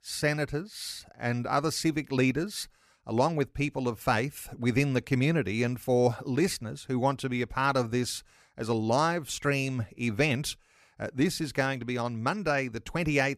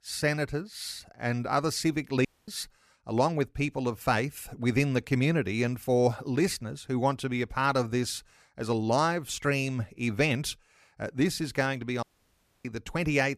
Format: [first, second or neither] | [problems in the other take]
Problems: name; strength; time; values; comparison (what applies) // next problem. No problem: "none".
first | audio cutting out; at 2.5 s and at 12 s for 0.5 s